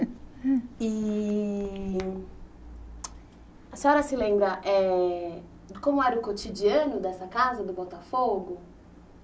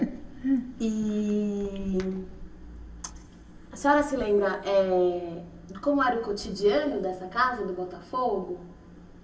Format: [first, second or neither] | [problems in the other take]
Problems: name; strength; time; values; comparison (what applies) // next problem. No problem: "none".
first | room echo; dies away in 1 s